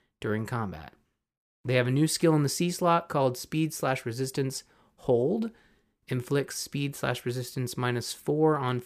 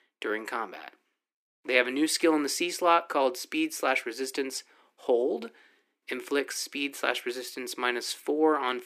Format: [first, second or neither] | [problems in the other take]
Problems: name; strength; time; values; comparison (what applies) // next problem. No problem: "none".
first | thin; somewhat; fading below 300 Hz